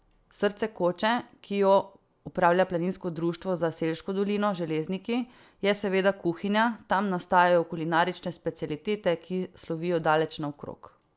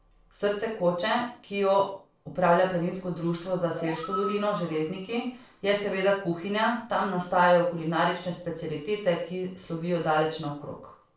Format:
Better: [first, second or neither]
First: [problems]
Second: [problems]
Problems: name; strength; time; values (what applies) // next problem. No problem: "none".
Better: first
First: none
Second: background sound (Animal); 12 dB below the speech // room echo; dies away in 0.4 s